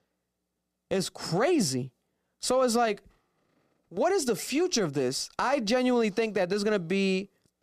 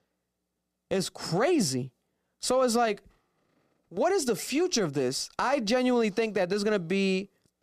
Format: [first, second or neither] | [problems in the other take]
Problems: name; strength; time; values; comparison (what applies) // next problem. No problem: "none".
neither | none